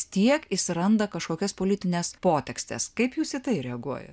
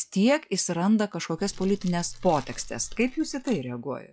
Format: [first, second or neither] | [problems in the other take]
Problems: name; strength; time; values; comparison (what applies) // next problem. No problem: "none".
first | noise reduction (classical method log-MMSE)